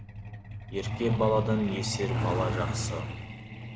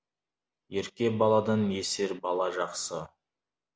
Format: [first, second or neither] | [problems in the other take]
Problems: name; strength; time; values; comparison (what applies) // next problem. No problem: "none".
second | background sound (Truck); as loud as the speech